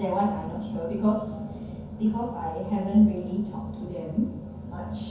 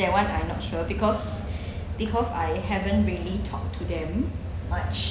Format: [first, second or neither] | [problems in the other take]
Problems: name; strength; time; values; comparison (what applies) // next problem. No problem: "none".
second | room echo; dies away in 0.6 s